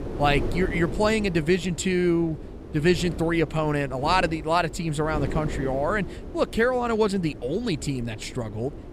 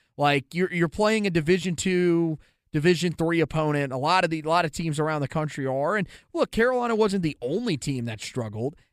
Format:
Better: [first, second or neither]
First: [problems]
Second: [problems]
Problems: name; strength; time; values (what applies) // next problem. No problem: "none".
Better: second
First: wind noise on the microphone; occasional gusts; 15 dB below the speech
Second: none